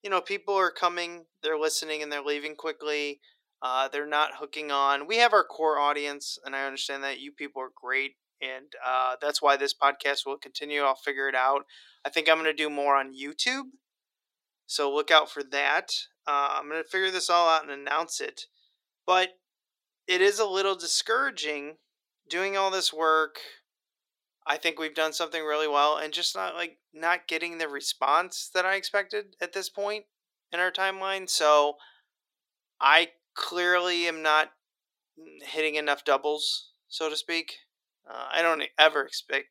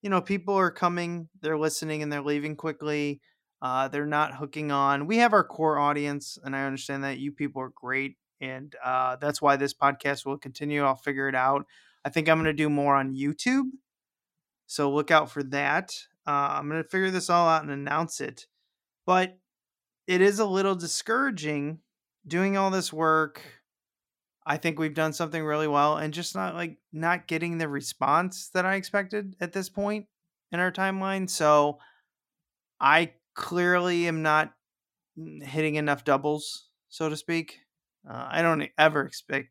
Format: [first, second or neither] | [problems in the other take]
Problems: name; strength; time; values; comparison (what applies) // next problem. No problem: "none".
second | thin; somewhat; fading below 400 Hz